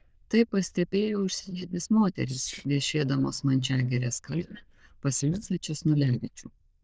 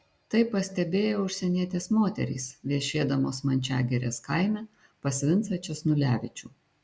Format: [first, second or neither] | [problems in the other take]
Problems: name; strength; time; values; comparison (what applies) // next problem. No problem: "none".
second | noise reduction (neural diffusion model UNIVERSE++)